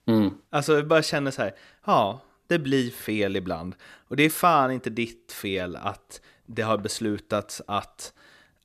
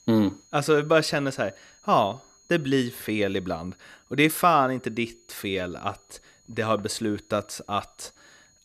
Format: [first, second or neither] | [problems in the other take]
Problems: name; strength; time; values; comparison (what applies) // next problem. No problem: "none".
first | high-pitched whine; faint; throughout; 6.5 kHz, 30 dB below the speech